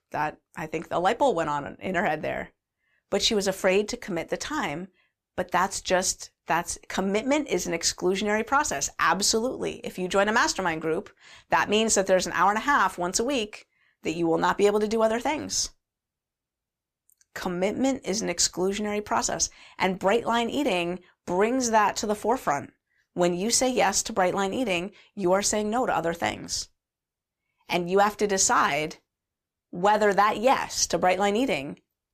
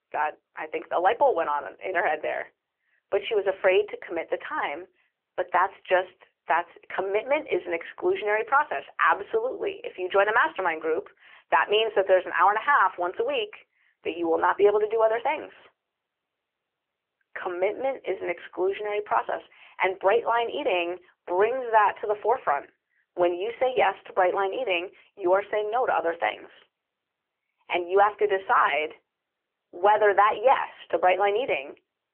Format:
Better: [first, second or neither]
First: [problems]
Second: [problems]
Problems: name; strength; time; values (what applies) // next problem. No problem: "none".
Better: first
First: none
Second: phone-call audio; nothing above 3 kHz